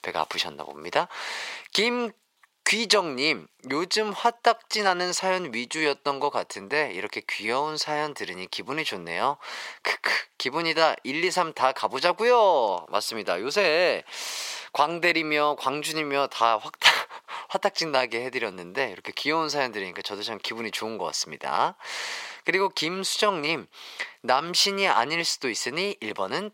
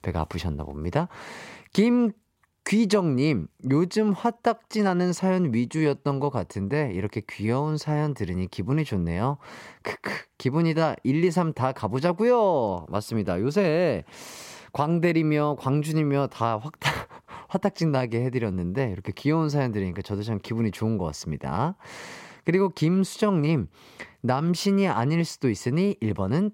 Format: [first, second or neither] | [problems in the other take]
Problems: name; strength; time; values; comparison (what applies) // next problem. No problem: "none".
second | thin; very; fading below 600 Hz